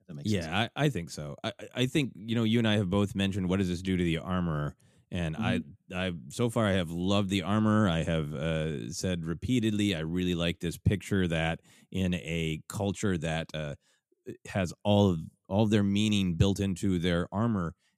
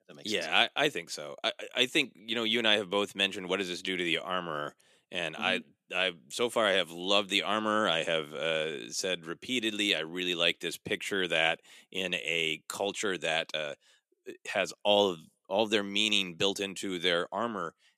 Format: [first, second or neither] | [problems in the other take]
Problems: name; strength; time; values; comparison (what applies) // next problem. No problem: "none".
first | thin; very; fading below 450 Hz